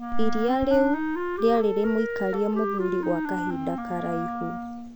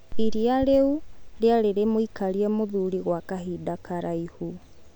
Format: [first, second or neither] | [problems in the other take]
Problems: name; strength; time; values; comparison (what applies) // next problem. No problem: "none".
second | background sound (Wind instrument, woodwind instrument); 5 dB below the speech